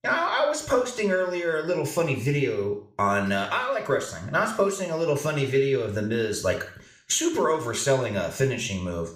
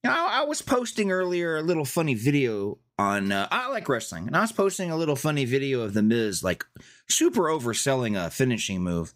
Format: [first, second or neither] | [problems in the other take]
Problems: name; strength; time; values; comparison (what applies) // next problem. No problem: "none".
second | room echo; slight; dies away in 0.5 s